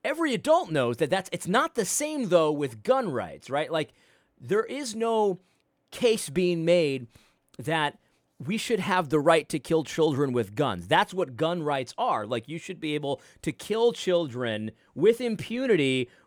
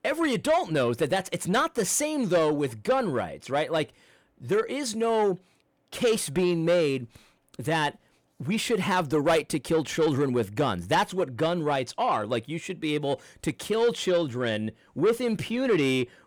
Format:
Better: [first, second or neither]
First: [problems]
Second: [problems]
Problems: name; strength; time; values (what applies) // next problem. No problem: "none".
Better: first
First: none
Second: distortion; slight; 10 dB below the speech